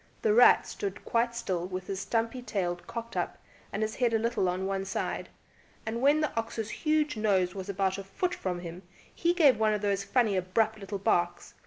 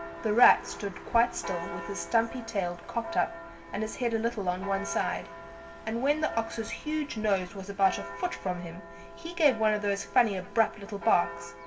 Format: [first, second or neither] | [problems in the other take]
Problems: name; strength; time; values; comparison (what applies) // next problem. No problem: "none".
first | background sound (Church bell); 13 dB below the speech // room echo; dies away in 2 s